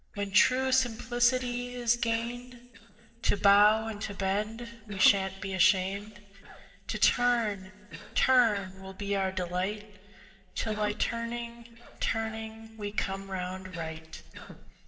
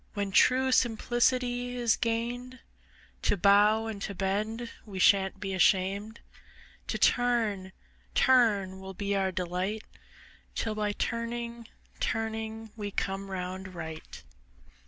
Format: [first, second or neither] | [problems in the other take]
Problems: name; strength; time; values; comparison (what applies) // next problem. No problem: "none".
second | noise reduction (neural separator model SepFormer DNS4)